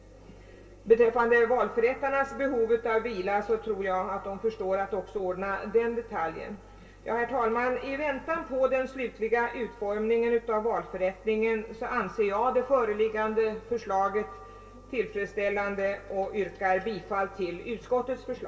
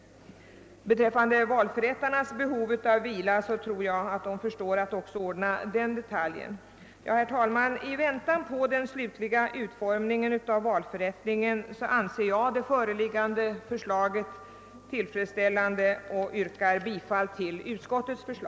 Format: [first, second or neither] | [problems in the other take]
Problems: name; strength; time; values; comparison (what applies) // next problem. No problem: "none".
second | room echo; dies away in 0.2 s